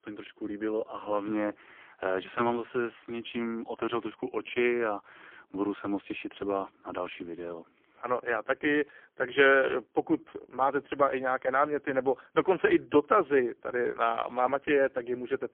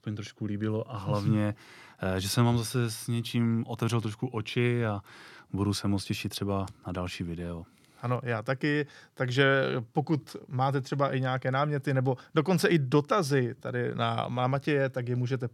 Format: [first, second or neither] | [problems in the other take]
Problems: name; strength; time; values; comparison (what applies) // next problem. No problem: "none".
second | phone-call audio; poor line; nothing above 3.5 kHz